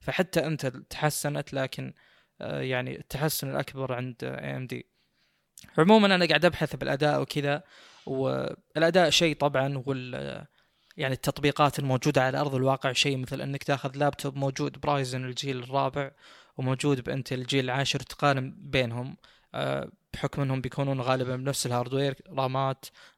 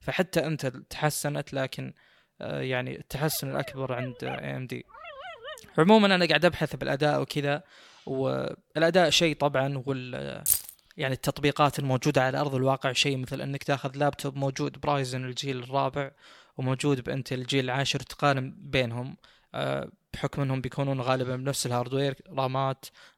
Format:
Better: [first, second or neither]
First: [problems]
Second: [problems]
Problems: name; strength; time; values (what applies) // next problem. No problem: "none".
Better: first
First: none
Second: dog barking; faint; from 3.5 to 5.5 s; peak 10 dB below the speech // jangling keys; loud; at 10 s; peak 3 dB above the speech